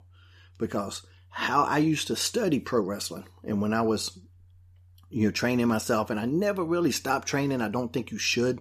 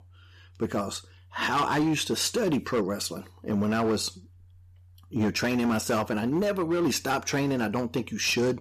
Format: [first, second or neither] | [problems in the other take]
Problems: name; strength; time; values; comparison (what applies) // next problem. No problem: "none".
first | distortion; slight; 9% of the sound clipped